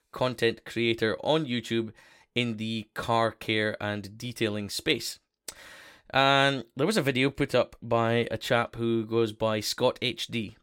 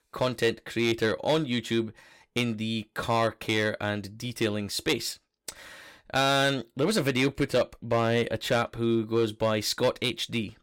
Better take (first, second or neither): first